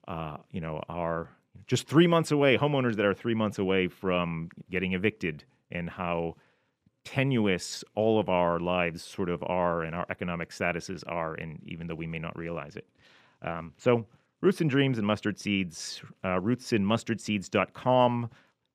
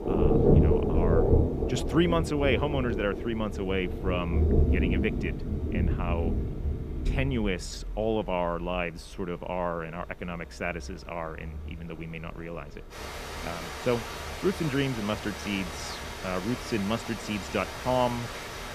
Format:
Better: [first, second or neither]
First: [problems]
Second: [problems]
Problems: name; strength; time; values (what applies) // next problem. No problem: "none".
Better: first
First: none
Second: rain or running water; very loud; throughout; 2 dB above the speech